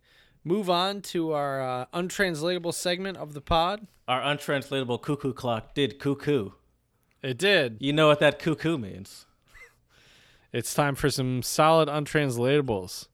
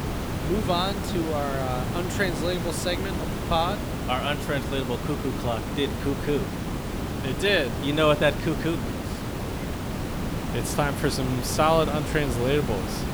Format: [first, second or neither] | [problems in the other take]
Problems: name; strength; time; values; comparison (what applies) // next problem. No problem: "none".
first | hiss; loud; throughout; 4 dB below the speech